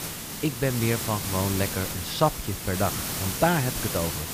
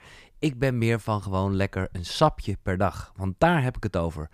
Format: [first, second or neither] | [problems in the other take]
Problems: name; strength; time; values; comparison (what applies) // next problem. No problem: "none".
second | hiss; loud; throughout; 3 dB below the speech